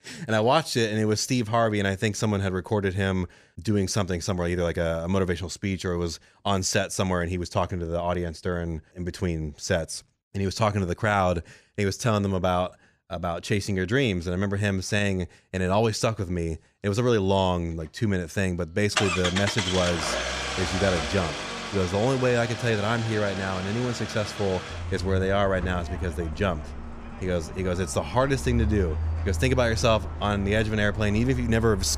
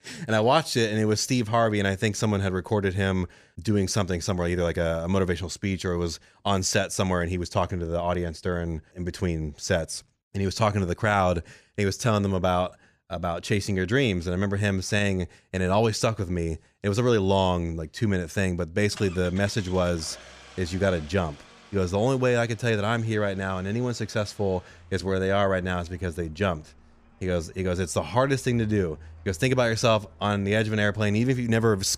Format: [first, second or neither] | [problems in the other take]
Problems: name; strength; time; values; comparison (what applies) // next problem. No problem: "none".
second | traffic noise; loud; from 17 s on; 6 dB below the speech; faint in the second